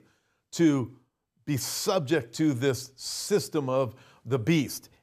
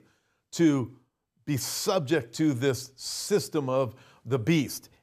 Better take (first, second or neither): neither